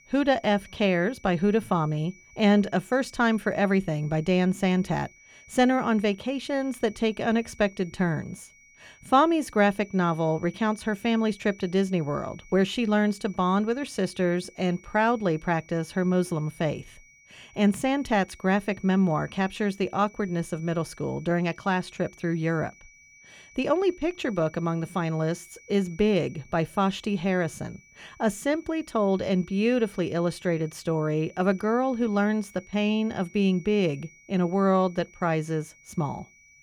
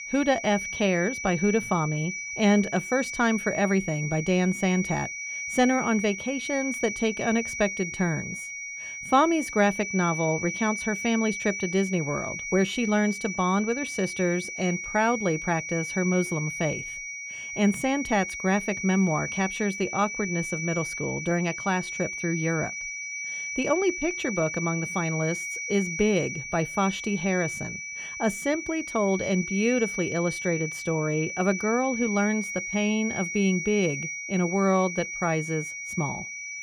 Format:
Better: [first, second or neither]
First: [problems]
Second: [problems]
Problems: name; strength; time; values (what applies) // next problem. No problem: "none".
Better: first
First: high-pitched whine; faint; throughout; 2.5 kHz, 25 dB below the speech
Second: high-pitched whine; loud; throughout; 2.5 kHz, 6 dB below the speech